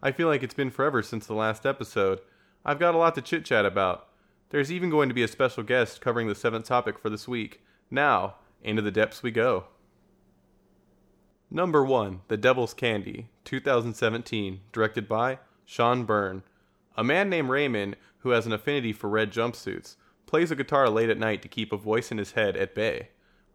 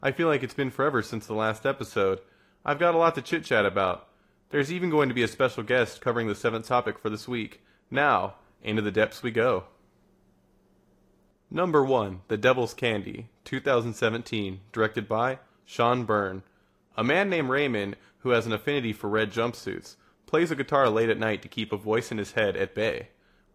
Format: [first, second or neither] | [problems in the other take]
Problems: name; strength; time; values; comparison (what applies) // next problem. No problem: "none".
first | garbled, watery; slightly; nothing above 15 kHz